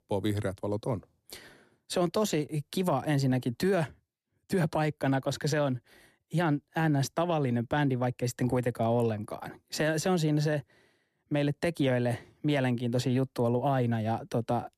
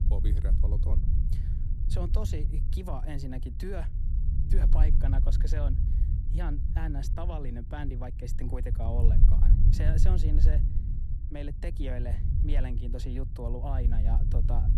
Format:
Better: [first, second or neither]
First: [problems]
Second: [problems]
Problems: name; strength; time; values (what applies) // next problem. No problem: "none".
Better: first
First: none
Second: low rumble; loud; throughout; 5 dB below the speech